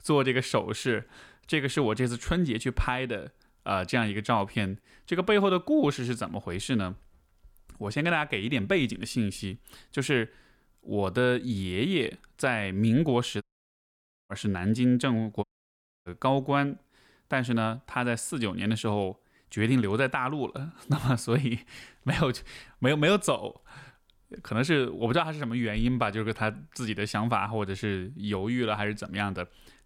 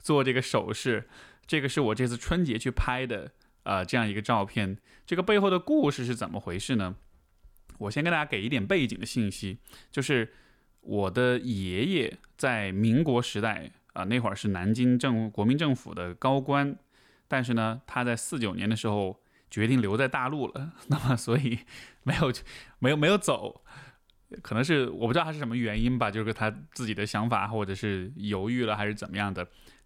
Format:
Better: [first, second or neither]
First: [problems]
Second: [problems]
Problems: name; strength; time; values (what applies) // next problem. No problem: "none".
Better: second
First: audio cutting out; at 13 s for 1 s and at 15 s for 0.5 s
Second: none